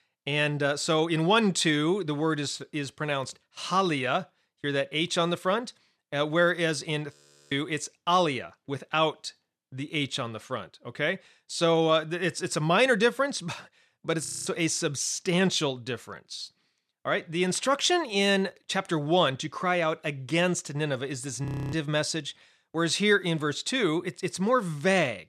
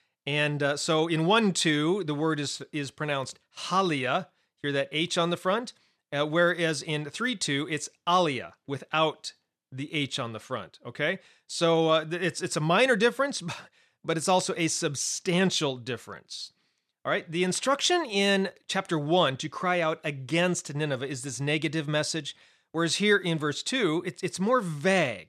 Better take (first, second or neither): second